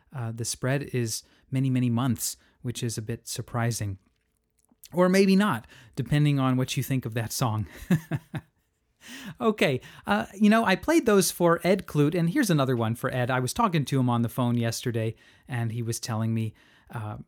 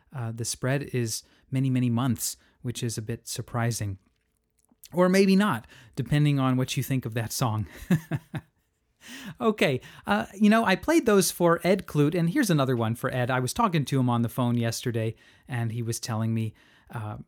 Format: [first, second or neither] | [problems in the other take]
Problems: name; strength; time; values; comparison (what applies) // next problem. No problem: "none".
neither | none